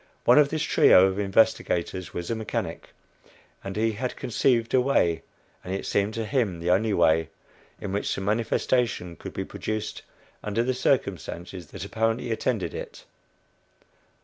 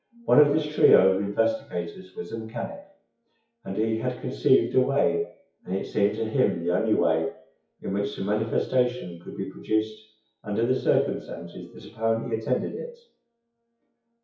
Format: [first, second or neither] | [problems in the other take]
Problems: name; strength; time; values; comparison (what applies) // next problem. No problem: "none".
first | noise reduction (classical method WPE with log-MMSE)